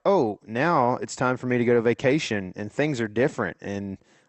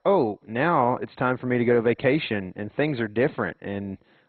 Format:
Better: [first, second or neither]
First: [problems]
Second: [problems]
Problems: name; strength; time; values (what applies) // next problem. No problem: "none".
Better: first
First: garbled, watery; slightly; nothing above 8 kHz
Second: garbled, watery; badly; nothing above 4 kHz